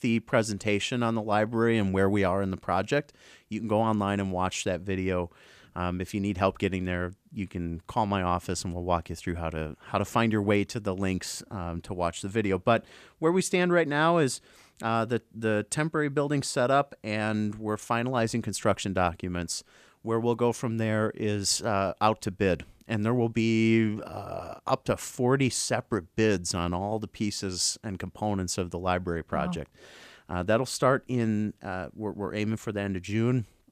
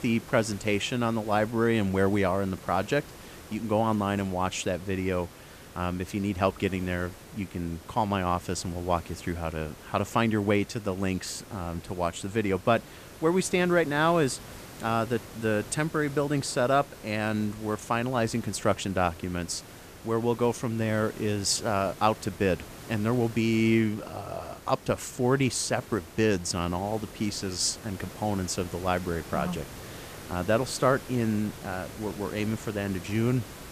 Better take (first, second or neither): first